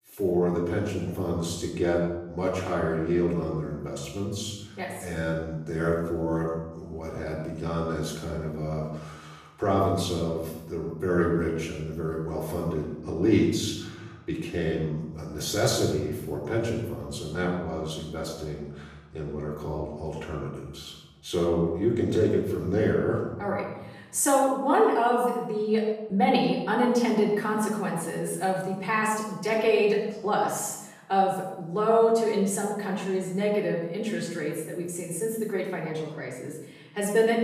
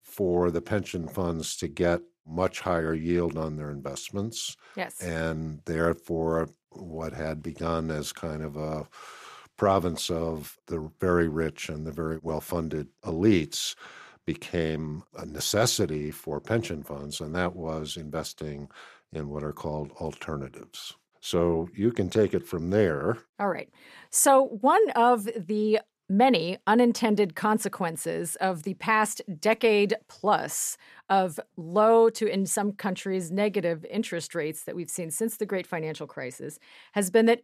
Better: second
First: off-mic speech; far // room echo; noticeable; dies away in 1 s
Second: none

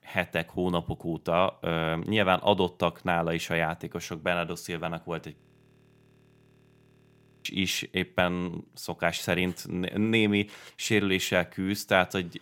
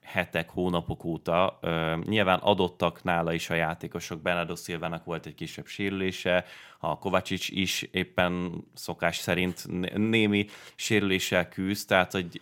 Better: second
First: audio freezing; at 5.5 s for 2 s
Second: none

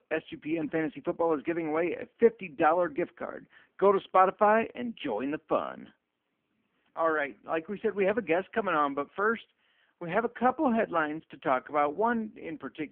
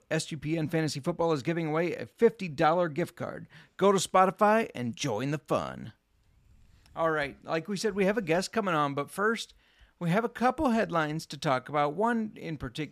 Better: second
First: phone-call audio; poor line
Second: none

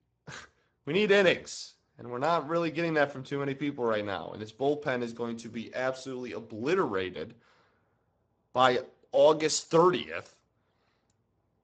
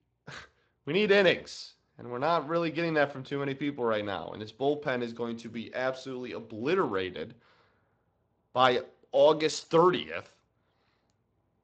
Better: second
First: garbled, watery; badly; nothing above 7.5 kHz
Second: garbled, watery; slightly; nothing above 8 kHz

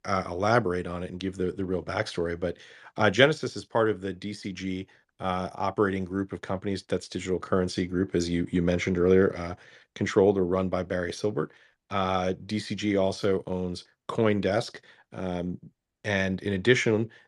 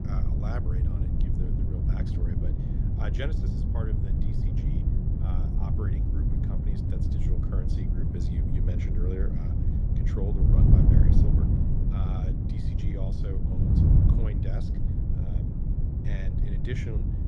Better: first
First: none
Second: wind noise on the microphone; heavy; 5 dB above the speech

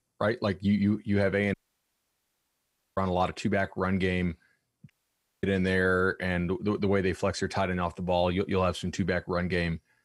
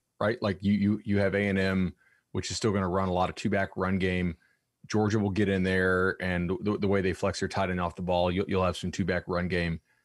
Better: second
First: audio cutting out; at 1.5 s for 1.5 s and at 5 s for 0.5 s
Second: none

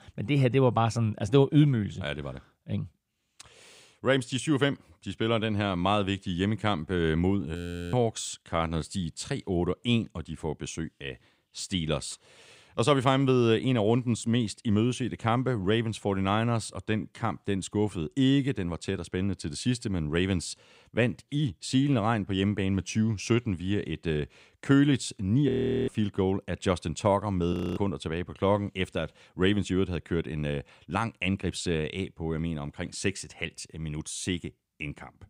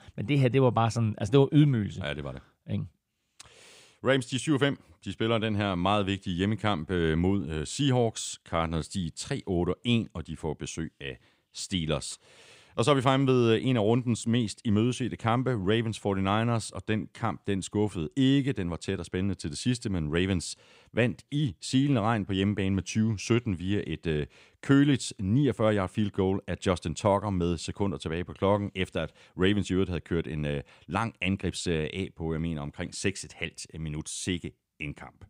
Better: second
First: audio freezing; at 7.5 s, at 25 s and at 28 s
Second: none

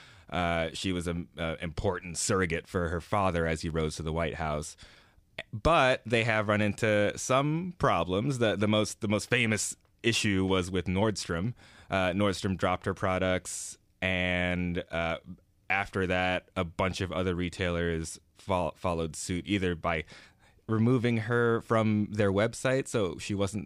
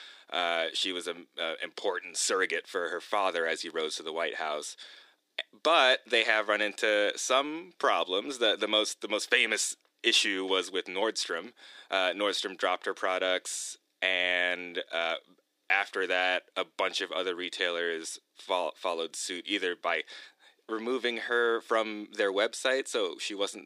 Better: first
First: none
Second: thin; very; fading below 300 Hz

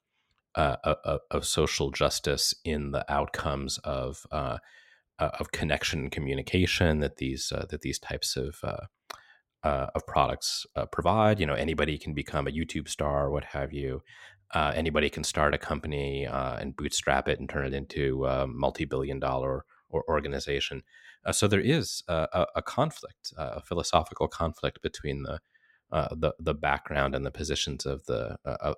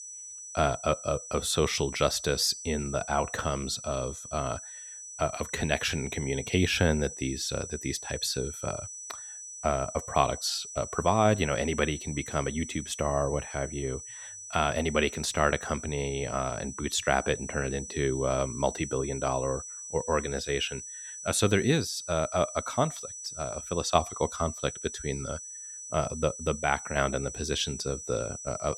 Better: first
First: none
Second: high-pitched whine; loud; throughout; 6 kHz, 10 dB below the speech

